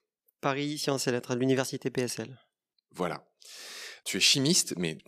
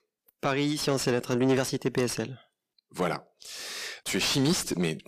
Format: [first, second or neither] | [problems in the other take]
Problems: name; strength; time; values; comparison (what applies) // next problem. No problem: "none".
first | distortion; heavy; 6 dB below the speech